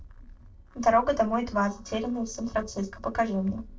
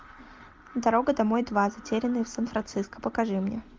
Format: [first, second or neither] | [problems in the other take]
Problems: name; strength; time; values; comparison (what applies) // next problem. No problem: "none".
second | noise reduction (neural separator model SepFormer DNS4)